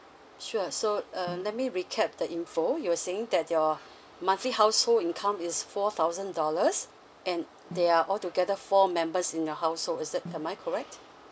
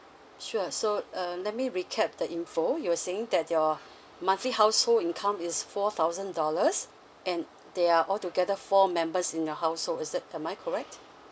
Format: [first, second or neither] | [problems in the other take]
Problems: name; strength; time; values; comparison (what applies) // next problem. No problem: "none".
second | background sound (Snare drum); 18 dB below the speech